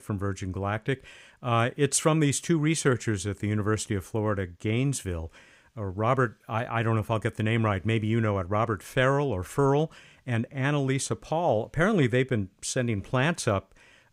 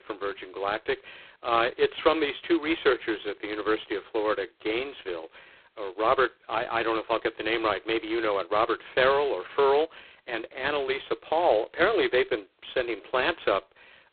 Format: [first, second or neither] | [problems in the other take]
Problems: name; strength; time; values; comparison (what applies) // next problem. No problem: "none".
first | phone-call audio; poor line; nothing above 4 kHz